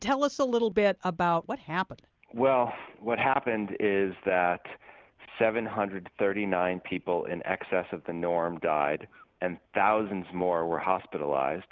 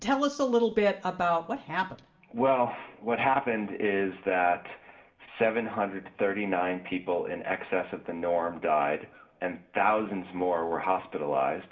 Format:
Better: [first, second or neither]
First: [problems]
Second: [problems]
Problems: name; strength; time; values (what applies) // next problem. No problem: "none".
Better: first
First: none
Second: room echo; dies away in 0.5 s